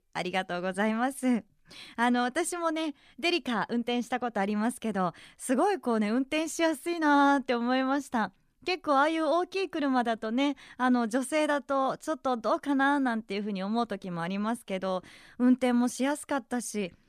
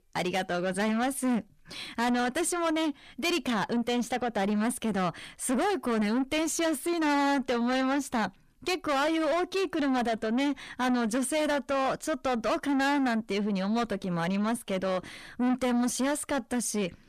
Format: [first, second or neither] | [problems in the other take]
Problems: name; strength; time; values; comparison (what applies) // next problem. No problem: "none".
first | distortion; heavy; 7 dB below the speech